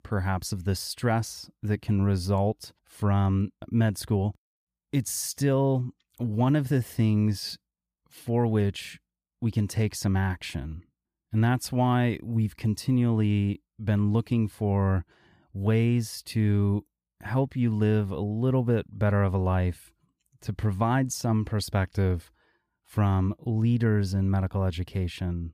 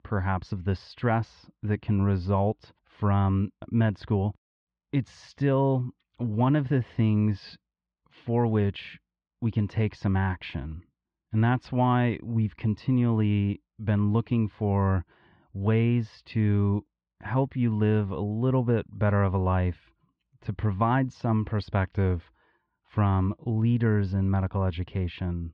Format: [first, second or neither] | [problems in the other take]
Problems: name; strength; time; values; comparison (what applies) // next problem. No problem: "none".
first | muffled; very; fading above 3.5 kHz